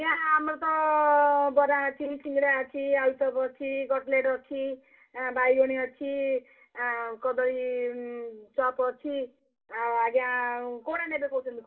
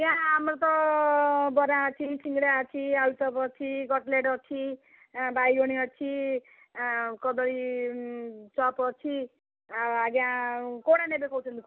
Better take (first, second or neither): second